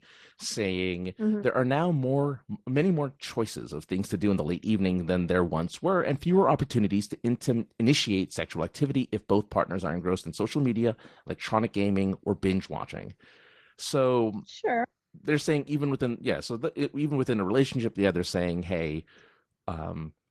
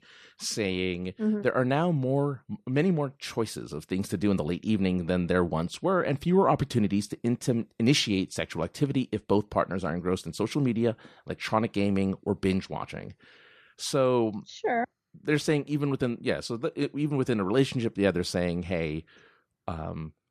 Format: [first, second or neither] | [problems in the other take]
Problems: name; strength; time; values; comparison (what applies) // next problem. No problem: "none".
second | garbled, watery; slightly; nothing above 14 kHz